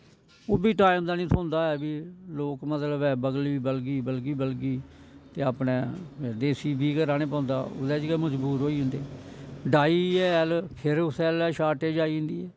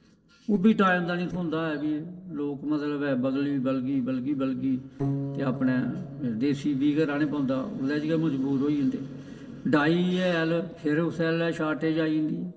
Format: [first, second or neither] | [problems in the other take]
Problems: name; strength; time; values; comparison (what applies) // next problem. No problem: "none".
first | noise reduction (neural separator model SepFormer DNS4)